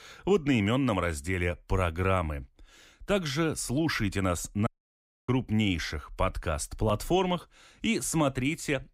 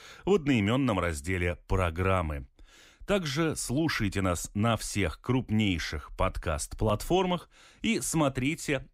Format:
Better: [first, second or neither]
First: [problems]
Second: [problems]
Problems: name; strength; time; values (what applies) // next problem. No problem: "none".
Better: second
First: audio cutting out; at 4.5 s for 0.5 s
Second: none